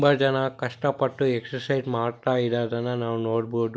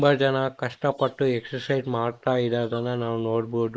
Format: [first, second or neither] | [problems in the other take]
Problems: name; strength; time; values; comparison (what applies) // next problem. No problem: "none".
first | noise reduction (neural mask model Resemble Enhance denoiser)